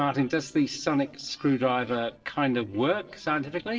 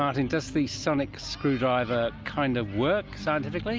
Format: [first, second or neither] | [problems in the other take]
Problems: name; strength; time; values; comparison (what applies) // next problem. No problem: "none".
second | noise reduction (neural separator model SepFormer DNS4)